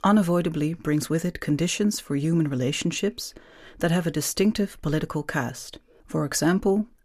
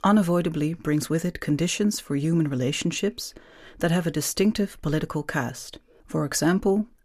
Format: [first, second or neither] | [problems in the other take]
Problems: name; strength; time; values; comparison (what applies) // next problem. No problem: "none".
neither | none